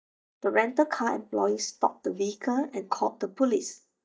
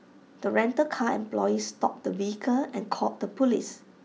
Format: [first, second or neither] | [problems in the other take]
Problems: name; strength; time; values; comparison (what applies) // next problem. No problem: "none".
second | noise reduction (neural mask model DeepFilterNet 3)